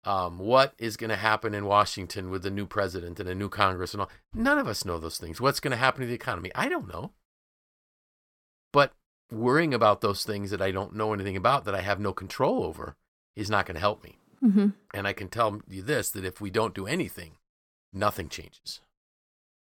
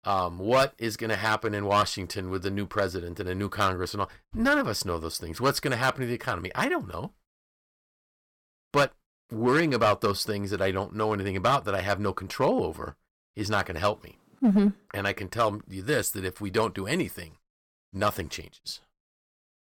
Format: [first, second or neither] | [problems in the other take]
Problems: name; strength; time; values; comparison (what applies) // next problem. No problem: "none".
first | distortion; slight; 2% of the sound clipped